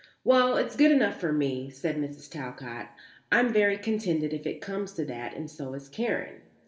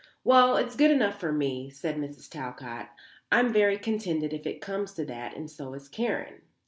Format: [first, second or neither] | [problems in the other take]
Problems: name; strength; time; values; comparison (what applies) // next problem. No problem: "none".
second | room echo; dies away in 0.9 s